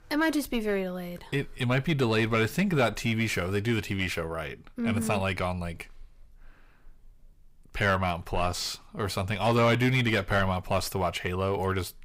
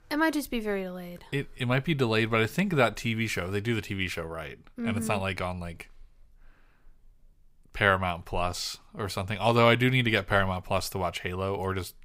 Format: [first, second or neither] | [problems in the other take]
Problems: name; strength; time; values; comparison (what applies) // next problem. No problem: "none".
second | distortion; slight; 10 dB below the speech